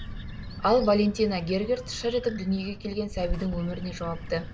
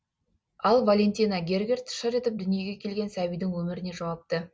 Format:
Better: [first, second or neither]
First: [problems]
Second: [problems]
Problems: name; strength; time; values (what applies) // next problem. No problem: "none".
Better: second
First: background sound (Bird); 9 dB below the speech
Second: none